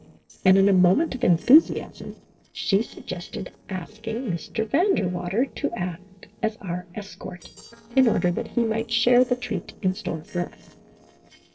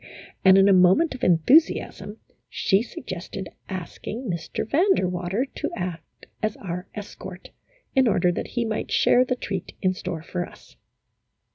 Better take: second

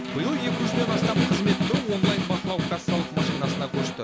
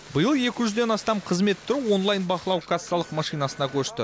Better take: second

